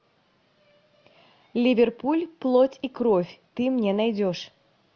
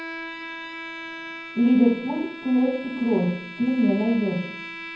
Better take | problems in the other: first | background sound (Bowed string instrument); 13 dB below the speech // room echo; dies away in 0.9 s

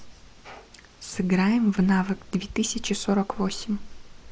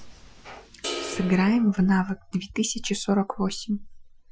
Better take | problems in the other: first | noise reduction (classical method Wiener filter)

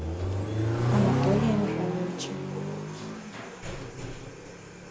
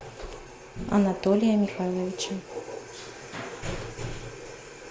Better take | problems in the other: second | background sound (Accelerating, revving, vroom); 3 dB above the speech

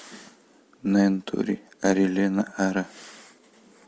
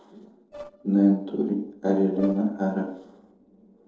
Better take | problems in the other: first | noise reduction (neural separator model SepFormer DNS4)

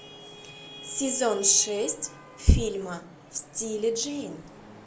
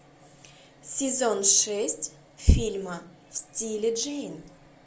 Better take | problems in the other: second | background sound (Traffic noise, roadway noise / Vehicle horn, car horn, honking); 19 dB below the speech

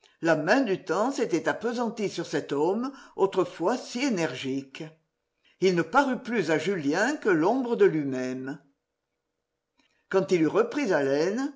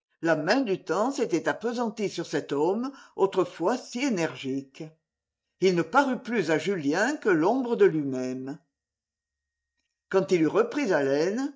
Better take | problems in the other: first | noise reduction (neural mask model DeepFilterNet 3)

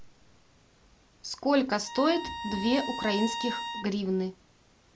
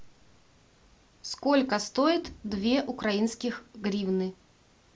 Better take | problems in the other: second | background sound (Bowed string instrument); 8 dB below the speech

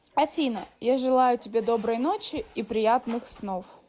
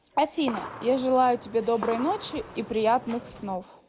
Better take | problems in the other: first | background sound (Gunshot, gunfire); 14 dB below the speech

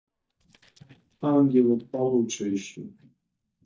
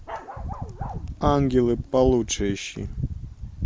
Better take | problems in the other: second | noise reduction (neural mask model DeepFilterNet 3)

